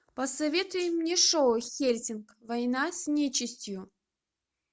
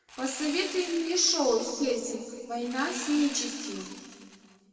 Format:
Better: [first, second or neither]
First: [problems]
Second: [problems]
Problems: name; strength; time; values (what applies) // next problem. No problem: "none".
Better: first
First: none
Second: background sound (Sawing); 13 dB below the speech // room echo; dies away in 2.2 s